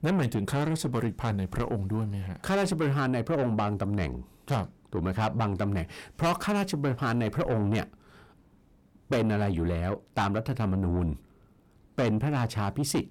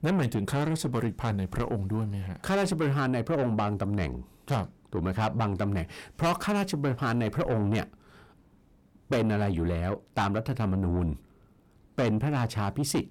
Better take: neither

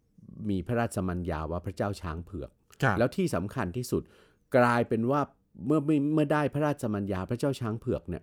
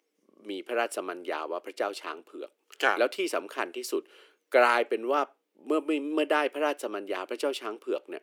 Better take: first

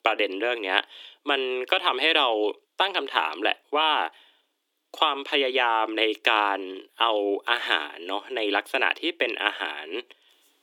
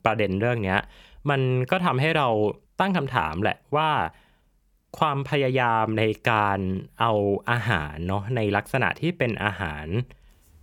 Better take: second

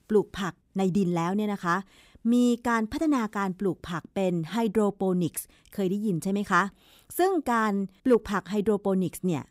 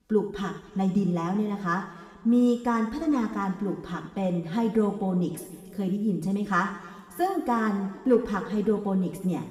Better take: first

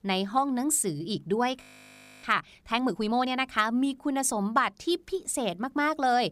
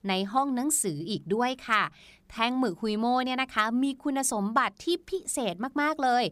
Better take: second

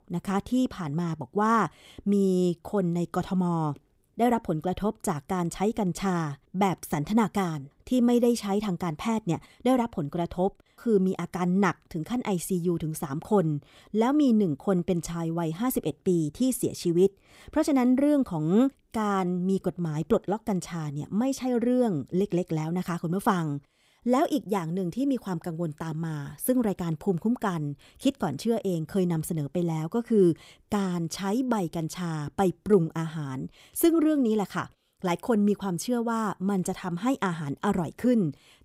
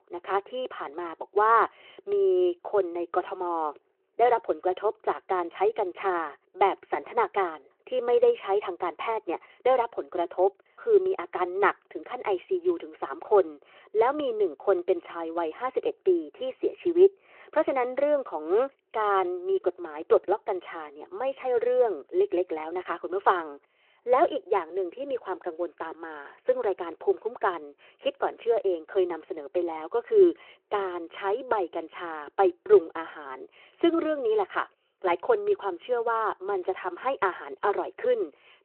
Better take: first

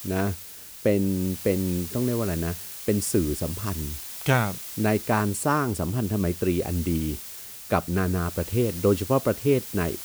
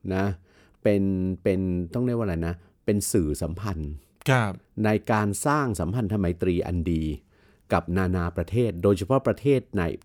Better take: second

